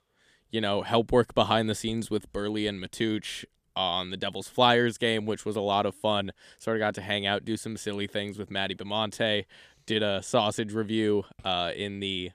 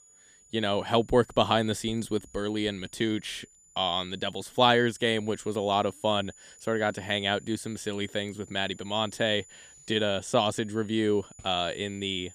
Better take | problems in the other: first | high-pitched whine; faint; throughout; 7 kHz, 25 dB below the speech

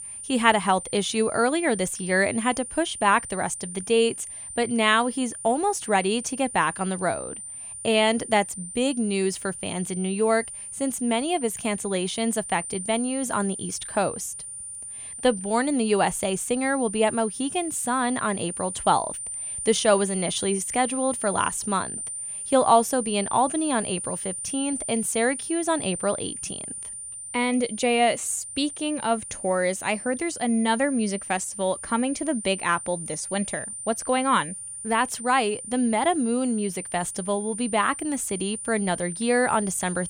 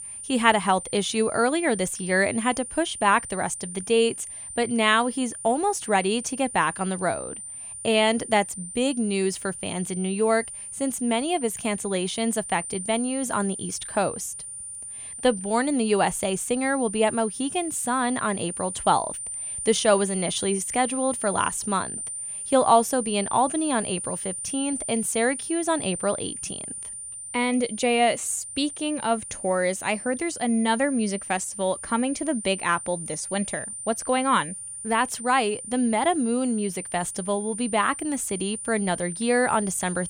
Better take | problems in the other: neither | high-pitched whine; loud; throughout; 9 kHz, 8 dB below the speech; the same in both

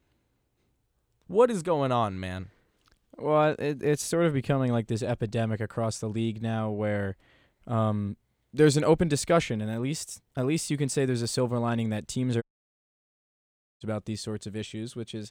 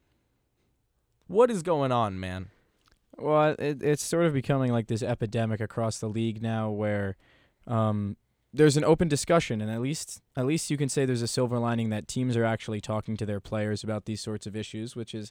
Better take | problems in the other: second | audio cutting out; at 12 s for 1.5 s

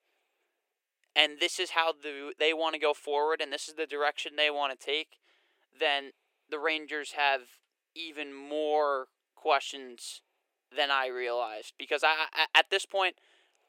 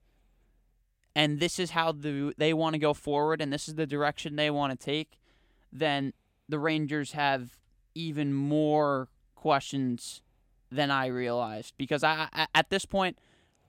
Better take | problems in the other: second | thin; very; fading below 400 Hz

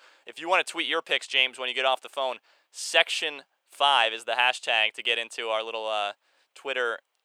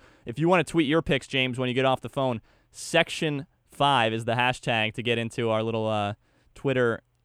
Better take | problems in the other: second | thin; very; fading below 600 Hz

